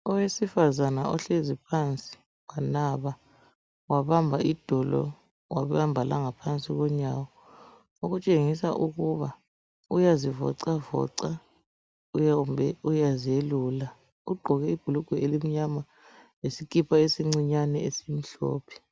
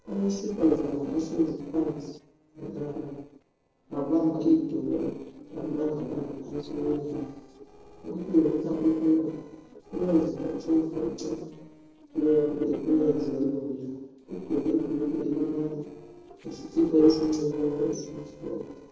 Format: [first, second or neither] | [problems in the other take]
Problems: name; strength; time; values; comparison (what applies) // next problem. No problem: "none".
first | noise reduction (neural separator model SepFormer DNS4)